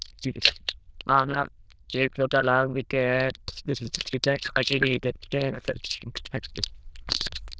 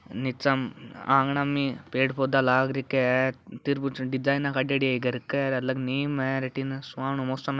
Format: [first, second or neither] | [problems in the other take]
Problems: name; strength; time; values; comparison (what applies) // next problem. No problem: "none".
second | noise reduction (neural diffusion model UNIVERSE++)